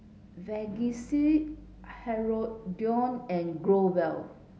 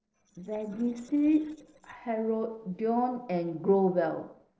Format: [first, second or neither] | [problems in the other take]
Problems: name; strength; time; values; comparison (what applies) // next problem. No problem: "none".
first | noise reduction (neural separator model SepFormer DNS4)